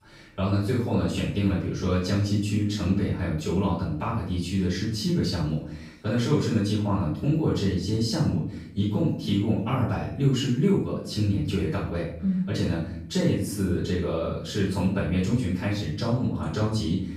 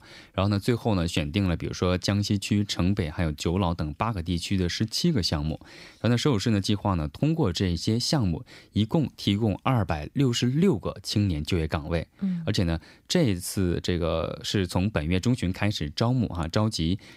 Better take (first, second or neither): second